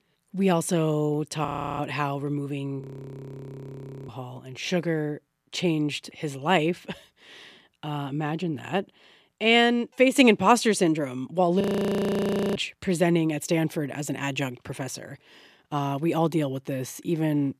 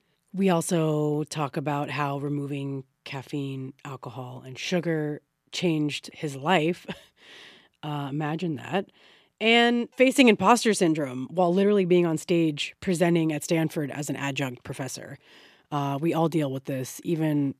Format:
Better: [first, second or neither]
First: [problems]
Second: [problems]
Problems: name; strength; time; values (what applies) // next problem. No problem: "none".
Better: second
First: audio freezing; at 1.5 s, at 3 s for 1.5 s and at 12 s for 1 s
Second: none